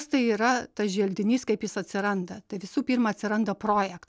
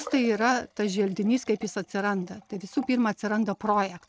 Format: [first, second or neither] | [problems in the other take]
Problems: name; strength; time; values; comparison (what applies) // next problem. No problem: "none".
first | noise reduction (neural mask model RNNoise)